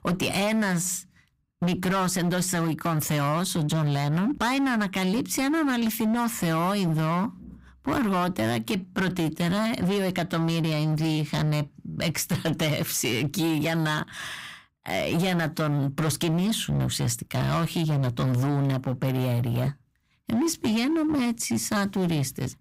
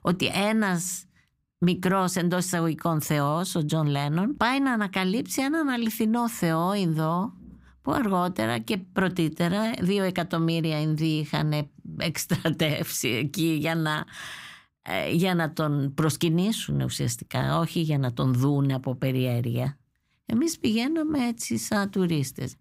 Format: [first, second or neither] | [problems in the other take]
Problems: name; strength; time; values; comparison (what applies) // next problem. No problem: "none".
second | distortion; slight; 21% of the sound clipped